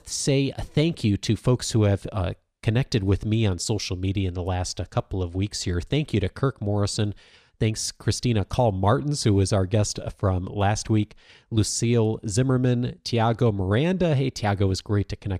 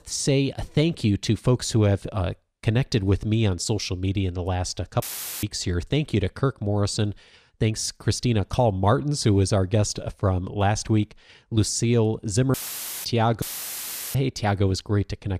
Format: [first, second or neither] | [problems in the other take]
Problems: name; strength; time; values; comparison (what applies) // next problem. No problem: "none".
first | audio cutting out; filled with static; at 5 s and at 13 s for 0.5 s